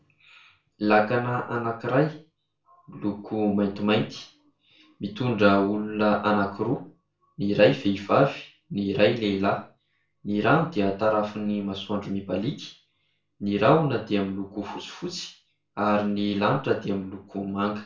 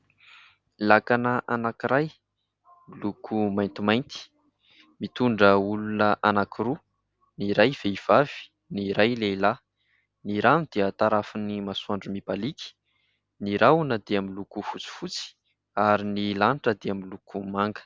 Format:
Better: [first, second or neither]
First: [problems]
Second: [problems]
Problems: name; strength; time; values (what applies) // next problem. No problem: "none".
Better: second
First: room echo; dies away in 0.3 s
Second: none